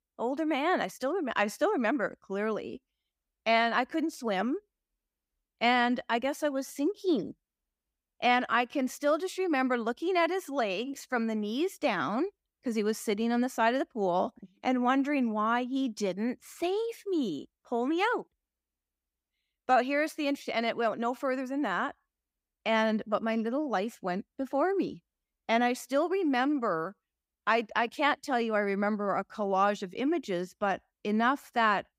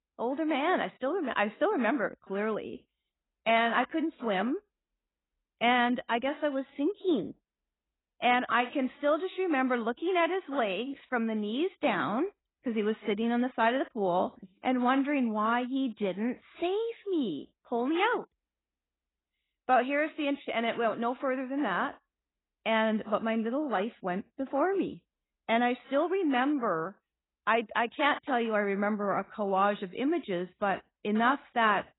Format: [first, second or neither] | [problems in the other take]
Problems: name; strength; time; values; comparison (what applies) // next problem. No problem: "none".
first | garbled, watery; badly; nothing above 3.5 kHz